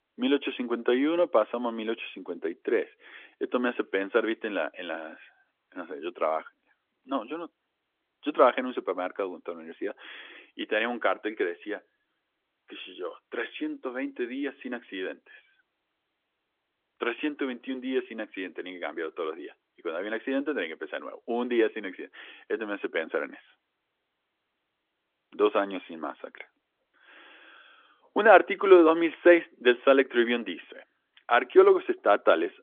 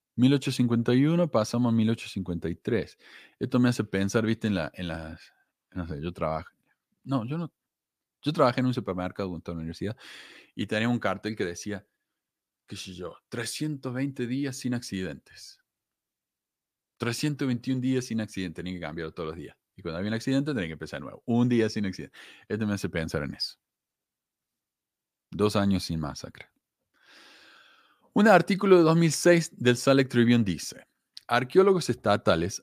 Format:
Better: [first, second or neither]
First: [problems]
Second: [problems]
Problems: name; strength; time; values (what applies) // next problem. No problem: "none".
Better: second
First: phone-call audio; nothing above 3.5 kHz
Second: none